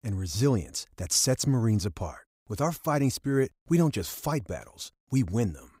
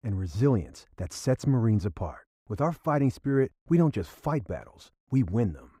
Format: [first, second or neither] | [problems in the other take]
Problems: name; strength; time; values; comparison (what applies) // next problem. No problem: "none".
first | muffled; very; fading above 3 kHz